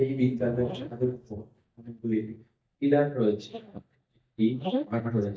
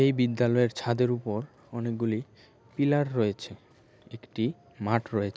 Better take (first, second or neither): second